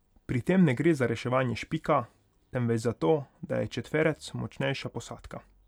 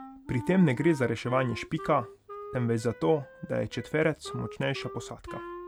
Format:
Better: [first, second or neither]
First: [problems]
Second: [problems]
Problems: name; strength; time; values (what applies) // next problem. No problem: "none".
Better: first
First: none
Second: background sound (Wind instrument, woodwind instrument); 14 dB below the speech